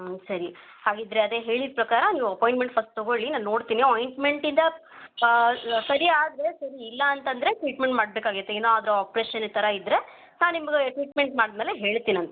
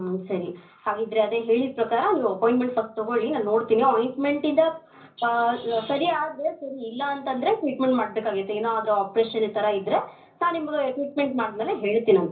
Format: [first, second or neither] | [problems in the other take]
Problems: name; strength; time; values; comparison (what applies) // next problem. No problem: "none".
first | room echo; dies away in 0.5 s